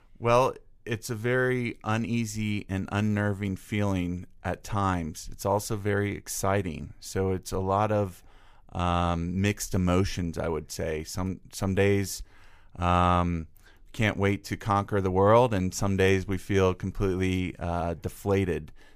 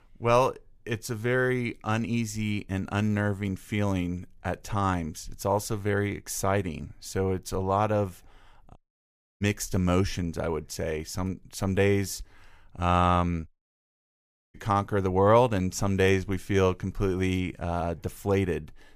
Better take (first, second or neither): first